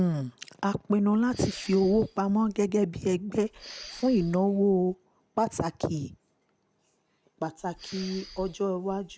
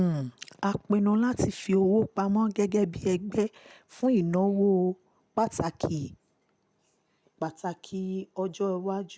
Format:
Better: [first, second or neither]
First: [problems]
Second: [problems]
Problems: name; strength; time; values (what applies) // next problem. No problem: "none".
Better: second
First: background sound (Respiratory sounds); 19 dB below the speech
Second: none